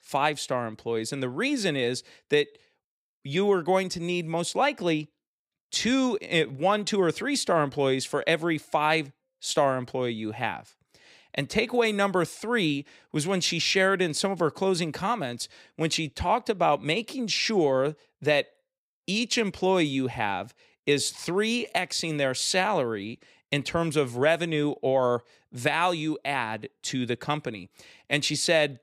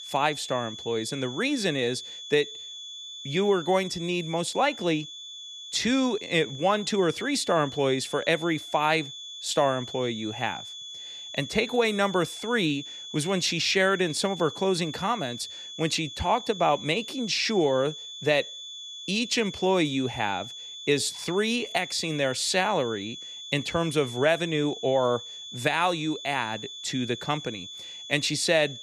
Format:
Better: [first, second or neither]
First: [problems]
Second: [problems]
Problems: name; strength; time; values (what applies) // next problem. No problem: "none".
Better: first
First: none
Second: high-pitched whine; noticeable; throughout; 3.5 kHz, 10 dB below the speech